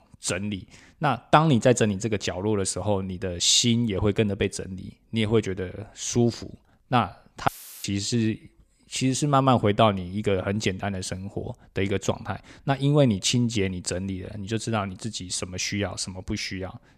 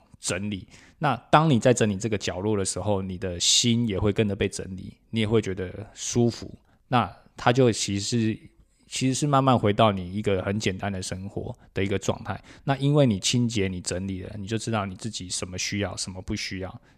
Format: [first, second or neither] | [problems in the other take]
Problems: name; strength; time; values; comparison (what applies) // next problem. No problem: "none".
second | audio cutting out; filled with static; at 7.5 s